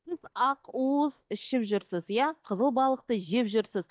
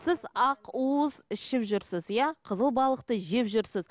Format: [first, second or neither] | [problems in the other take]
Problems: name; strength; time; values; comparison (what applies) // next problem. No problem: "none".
second | noise reduction (neural mask model DeepFilterNet 3)